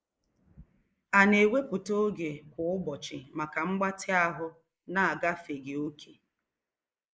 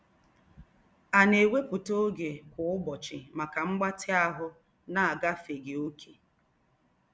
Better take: second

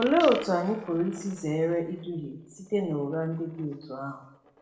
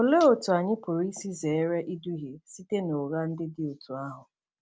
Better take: second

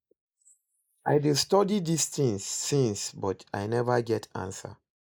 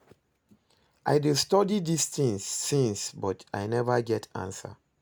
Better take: second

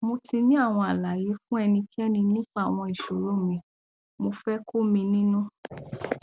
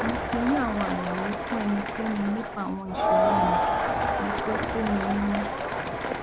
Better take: first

